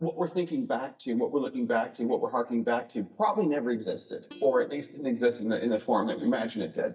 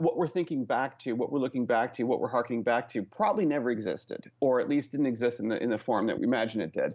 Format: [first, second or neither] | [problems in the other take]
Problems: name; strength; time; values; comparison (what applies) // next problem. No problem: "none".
second | noise reduction (neural mask model DeepFilterNet 3)